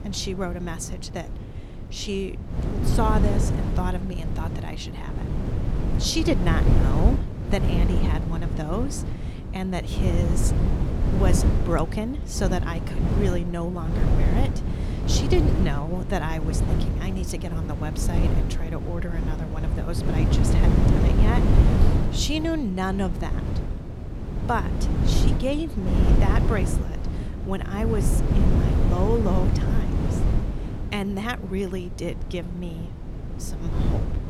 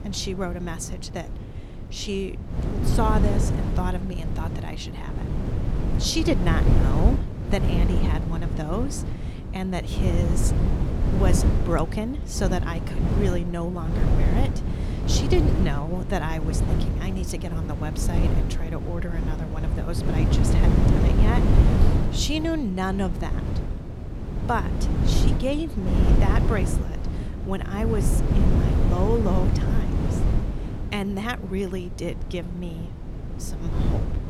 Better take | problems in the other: neither | wind noise on the microphone; heavy; 3 dB below the speech; the same in both

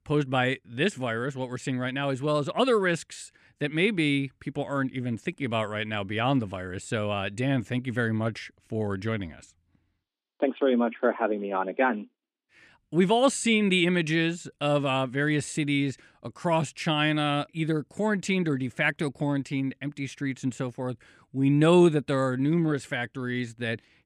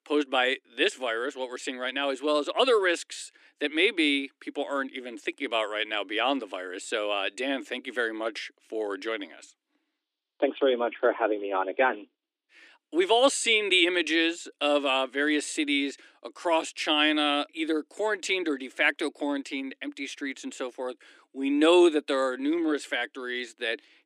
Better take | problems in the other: first | thin; somewhat; fading below 300 Hz

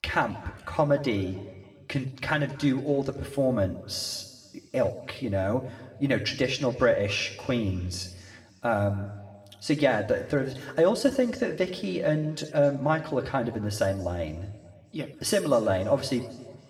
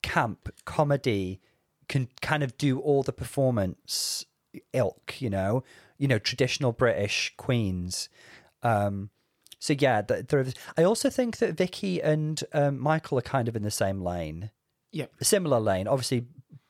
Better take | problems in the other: second | room echo; slight; dies away in 1.4 s // off-mic speech; somewhat distant

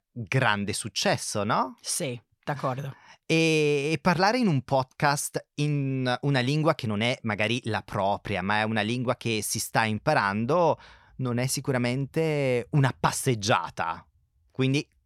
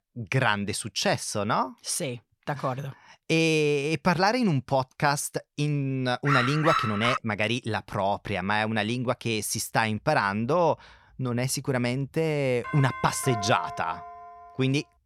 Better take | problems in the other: first | dog barking; loud; at 6.5 s; peak level with the speech // doorbell; noticeable; from 13 to 14 s; peak 7 dB below the speech

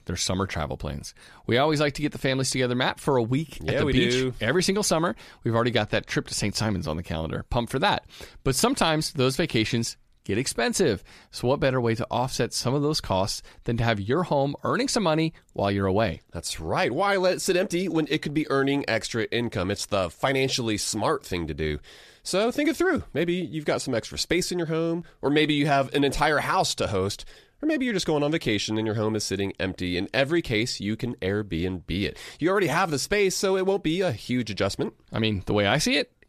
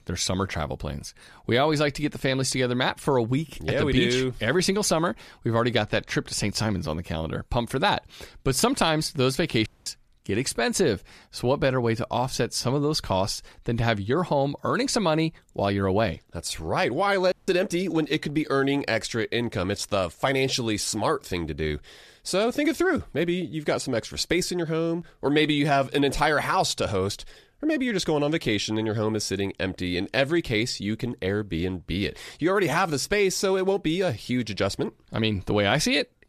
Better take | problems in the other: first | audio cutting out; at 9.5 s and at 17 s

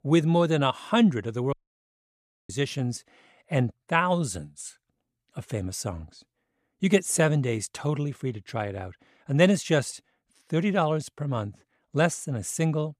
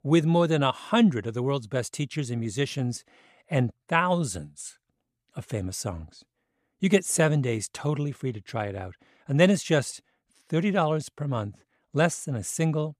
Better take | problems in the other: second | audio cutting out; at 1.5 s for 1 s

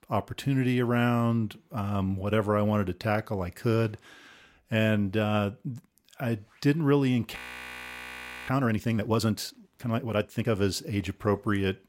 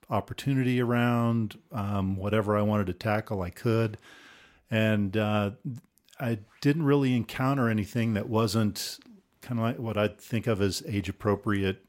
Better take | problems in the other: second | audio freezing; at 7.5 s for 1 s

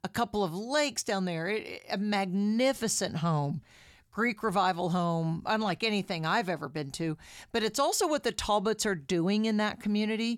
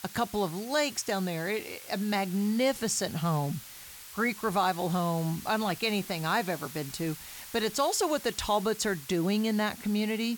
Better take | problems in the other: first | hiss; noticeable; throughout; 15 dB below the speech

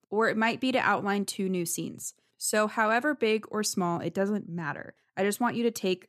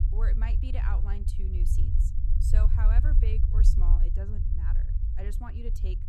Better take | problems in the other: first | low rumble; loud; throughout; 3 dB below the speech

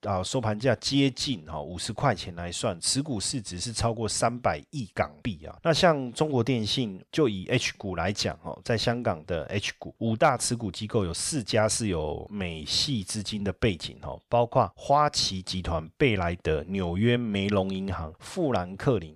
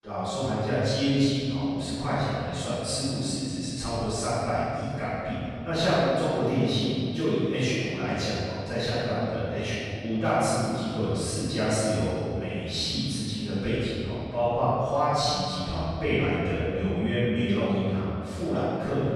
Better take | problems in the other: first | off-mic speech; far // room echo; strong; dies away in 2.3 s

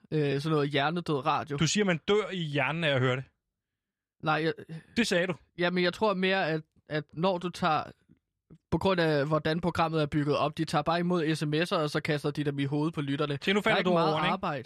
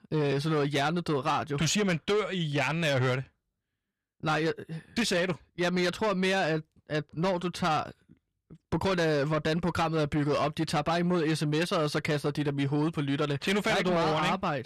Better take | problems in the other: first | distortion; slight; 10 dB below the speech

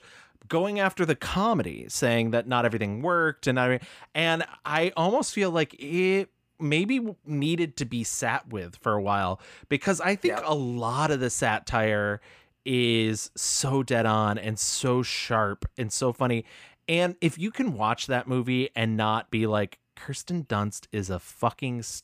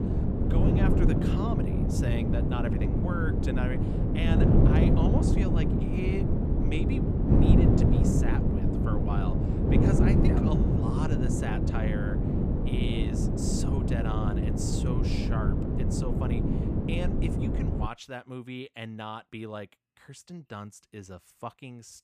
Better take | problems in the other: first | wind noise on the microphone; heavy; until 18 s; 5 dB above the speech

